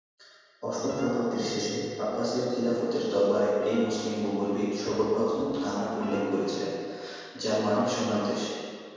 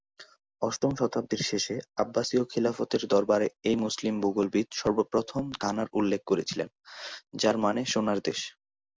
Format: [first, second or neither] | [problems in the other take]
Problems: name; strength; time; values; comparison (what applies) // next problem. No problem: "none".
second | background sound (Wind instrument, woodwind instrument); 20 dB below the speech // room echo; dies away in 1.9 s